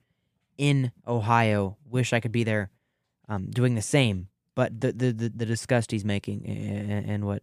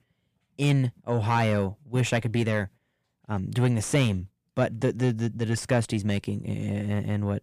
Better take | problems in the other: first | distortion; slight; 10 dB below the speech

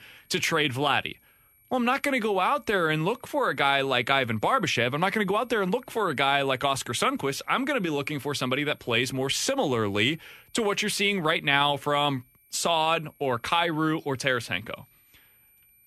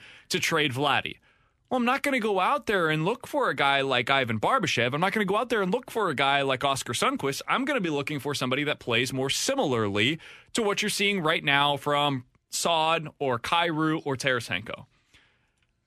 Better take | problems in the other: second | high-pitched whine; faint; throughout; 11.5 kHz, 30 dB below the speech

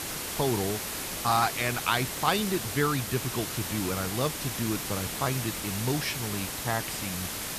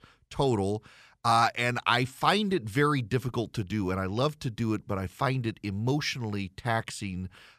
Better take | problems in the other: second | hiss; loud; throughout; 2 dB below the speech

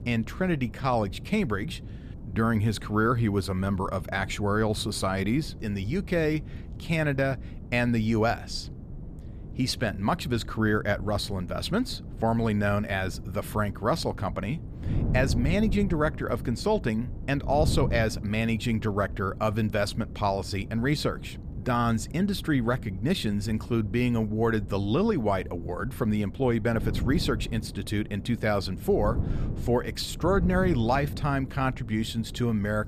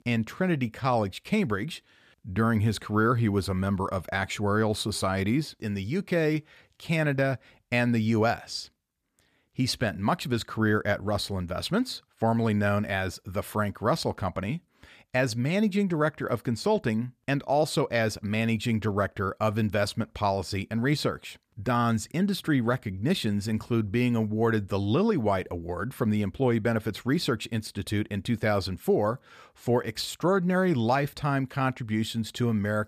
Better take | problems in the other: second | wind noise on the microphone; occasional gusts; 20 dB below the speech

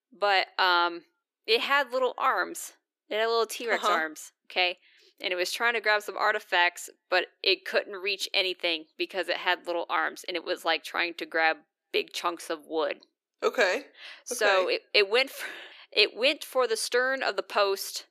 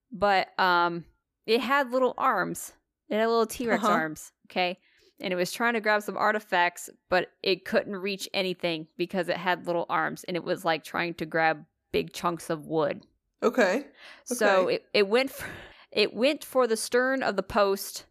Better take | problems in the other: second | thin; somewhat; fading below 350 Hz

